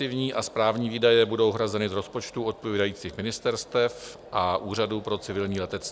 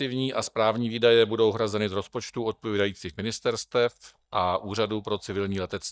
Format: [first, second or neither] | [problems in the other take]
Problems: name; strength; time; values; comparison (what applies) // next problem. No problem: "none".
first | noise reduction (neural mask model DeepFilterNet 3)